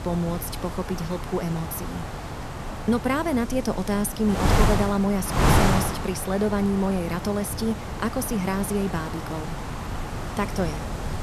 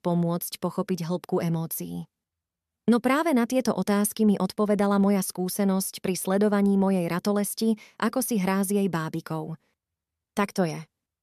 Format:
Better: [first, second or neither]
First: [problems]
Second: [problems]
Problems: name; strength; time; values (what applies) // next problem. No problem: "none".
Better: second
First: wind noise on the microphone; heavy; 2 dB below the speech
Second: none